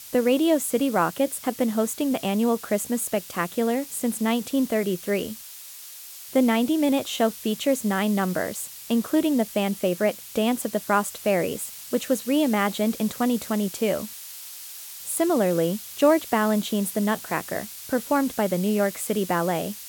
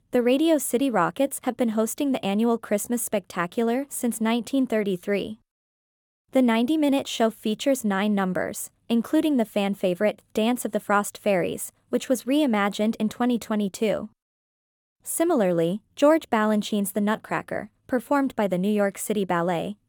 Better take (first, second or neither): second